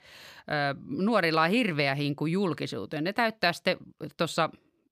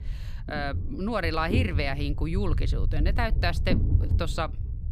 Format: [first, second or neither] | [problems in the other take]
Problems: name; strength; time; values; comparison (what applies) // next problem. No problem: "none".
first | low rumble; noticeable; throughout; 10 dB below the speech